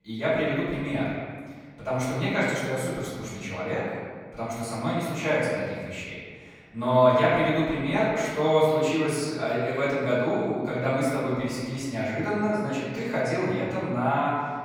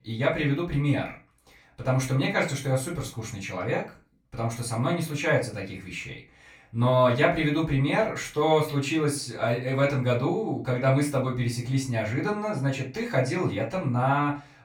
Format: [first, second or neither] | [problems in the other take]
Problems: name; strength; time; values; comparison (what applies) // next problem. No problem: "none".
second | room echo; strong; dies away in 1.6 s; slight in the second // off-mic speech; far; far in the second